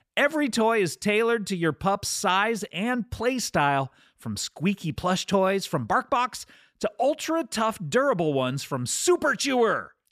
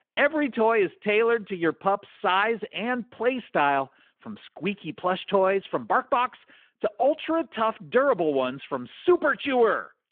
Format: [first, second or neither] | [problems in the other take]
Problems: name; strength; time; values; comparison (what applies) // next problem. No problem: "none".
first | phone-call audio